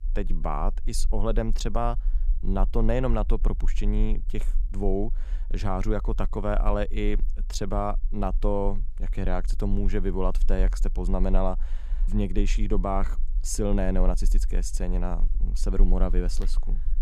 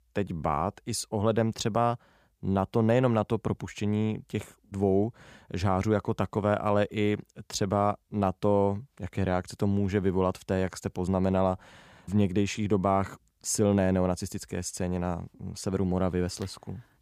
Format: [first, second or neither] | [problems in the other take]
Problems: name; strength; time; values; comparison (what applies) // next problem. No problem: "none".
second | low rumble; faint; throughout; 25 dB below the speech